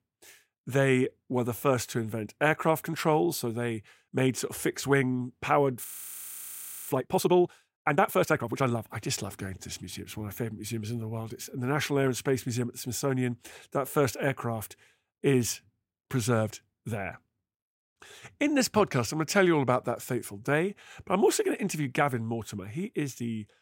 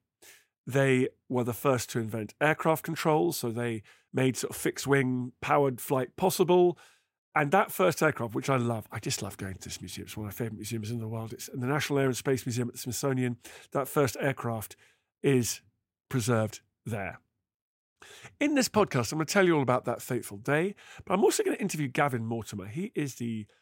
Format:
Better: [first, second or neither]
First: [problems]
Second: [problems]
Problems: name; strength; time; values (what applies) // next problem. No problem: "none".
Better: second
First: audio freezing; at 6 s for 1 s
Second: none